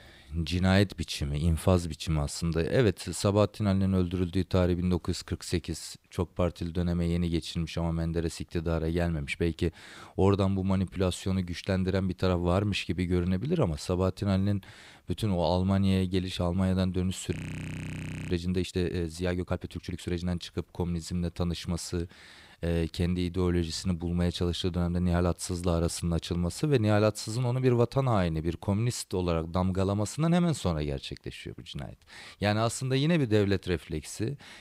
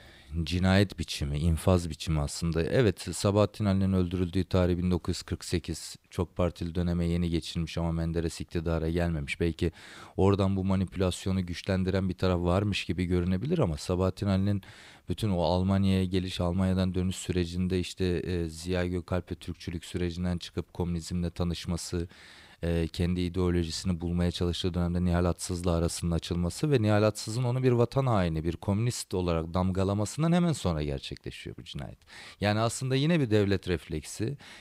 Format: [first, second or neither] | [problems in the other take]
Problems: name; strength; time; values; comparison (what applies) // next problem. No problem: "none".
second | audio freezing; at 17 s for 1 s